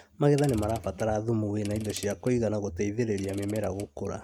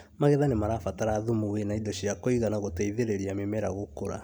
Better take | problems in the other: second | noise reduction (neural mask model RNNoise)

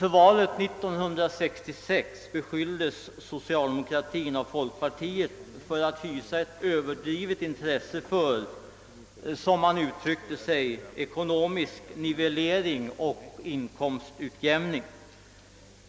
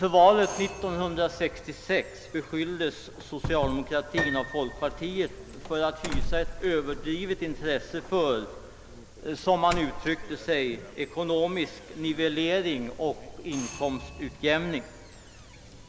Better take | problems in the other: first | background sound (Piano + Doorbell); 9 dB below the speech

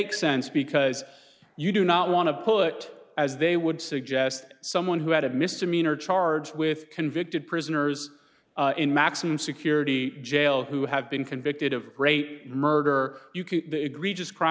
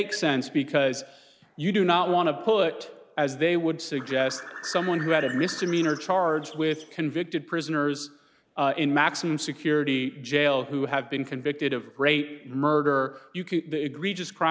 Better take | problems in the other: first | background sound (Bird); 13 dB below the speech

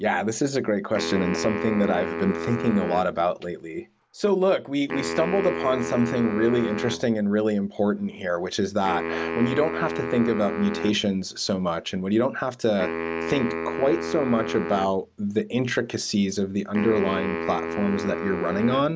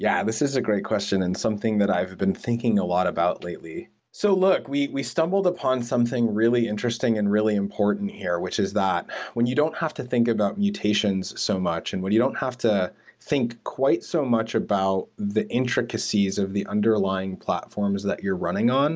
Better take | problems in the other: second | background sound (Wind instrument, woodwind instrument); 7 dB below the speech

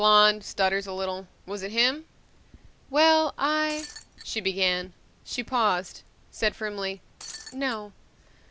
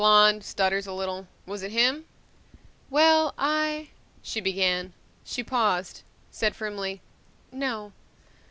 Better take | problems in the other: second | background sound (Shatter); 15 dB below the speech

